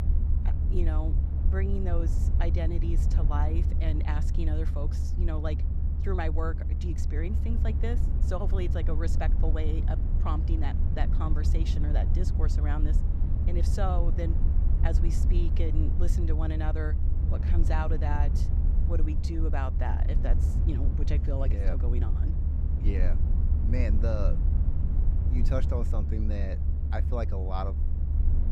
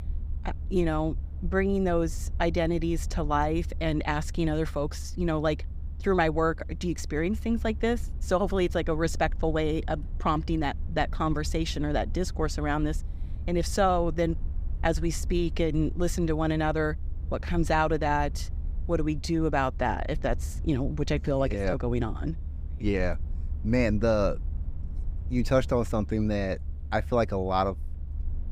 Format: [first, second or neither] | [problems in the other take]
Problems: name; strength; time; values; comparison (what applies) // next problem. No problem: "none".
second | low rumble; loud; throughout; 6 dB below the speech; faint in the second